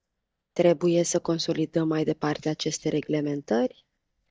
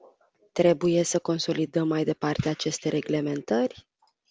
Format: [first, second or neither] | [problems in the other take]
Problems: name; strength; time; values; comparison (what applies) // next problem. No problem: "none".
second | noise reduction (neural mask model DeepFilterNet 3)